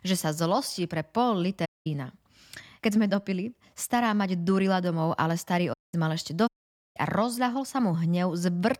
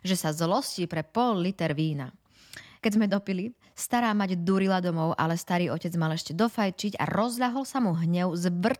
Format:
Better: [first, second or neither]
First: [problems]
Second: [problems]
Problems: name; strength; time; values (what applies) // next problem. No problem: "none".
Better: second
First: audio cutting out; at 1.5 s, at 5.5 s and at 6.5 s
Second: none